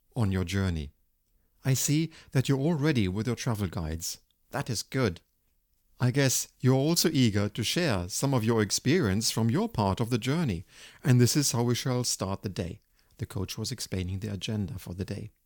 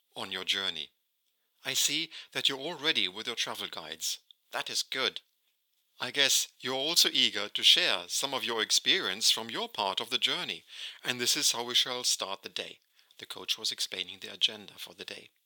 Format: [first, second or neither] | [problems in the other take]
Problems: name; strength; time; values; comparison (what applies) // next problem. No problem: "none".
first | thin; very; fading below 600 Hz